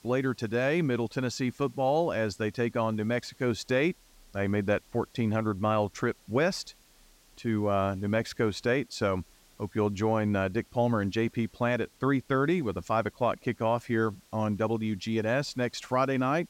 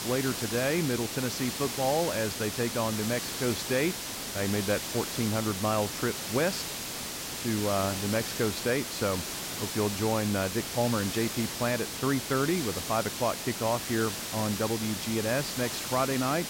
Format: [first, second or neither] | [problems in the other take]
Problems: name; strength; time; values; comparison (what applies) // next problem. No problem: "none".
first | hiss; loud; throughout; 3 dB below the speech; faint in the first